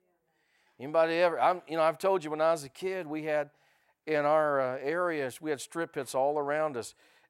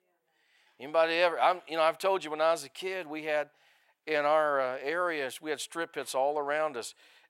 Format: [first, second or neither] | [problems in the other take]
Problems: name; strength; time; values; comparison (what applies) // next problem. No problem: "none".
first | thin; very slightly; fading below 500 Hz